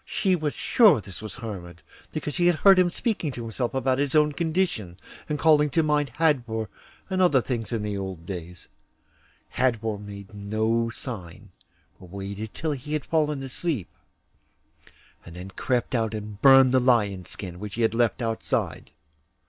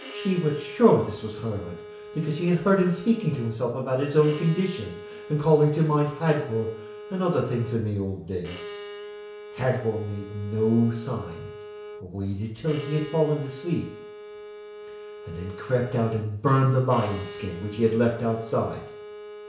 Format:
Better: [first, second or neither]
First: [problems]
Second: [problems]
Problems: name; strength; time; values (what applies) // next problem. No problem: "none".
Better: first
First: none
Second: background sound (Bowed string instrument); 15 dB below the speech // room echo; dies away in 0.6 s